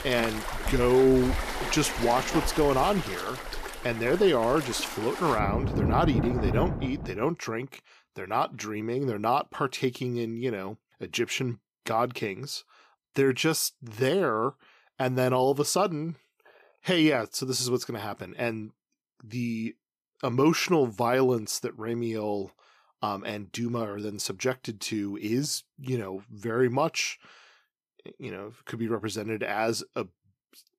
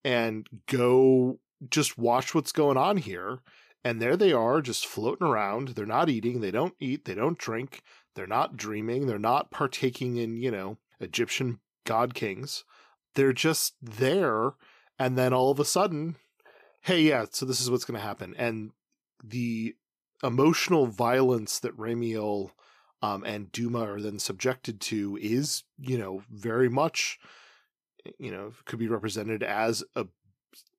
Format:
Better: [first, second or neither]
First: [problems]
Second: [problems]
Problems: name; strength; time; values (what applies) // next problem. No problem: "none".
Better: second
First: rain or running water; loud; until 6.5 s; 5 dB below the speech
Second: none